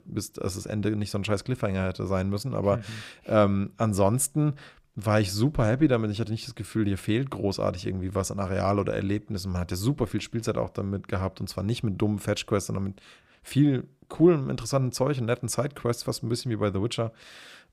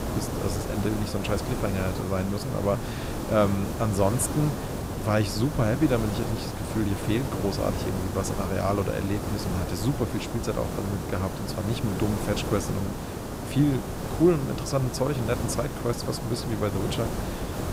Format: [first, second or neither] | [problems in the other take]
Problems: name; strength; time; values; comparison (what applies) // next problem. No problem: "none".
first | hiss; loud; throughout; 4 dB below the speech